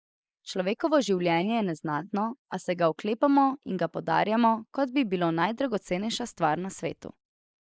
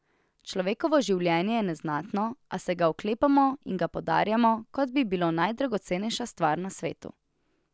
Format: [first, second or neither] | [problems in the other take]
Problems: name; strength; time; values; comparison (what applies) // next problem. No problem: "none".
second | noise reduction (neural mask model Resemble Enhance denoiser)